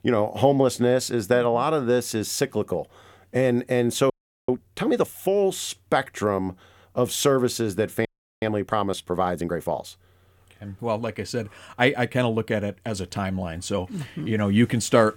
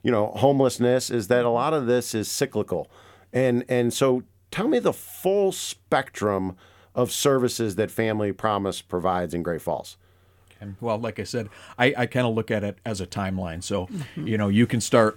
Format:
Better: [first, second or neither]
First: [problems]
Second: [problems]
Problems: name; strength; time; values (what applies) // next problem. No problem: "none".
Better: second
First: audio freezing; at 4 s and at 8 s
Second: none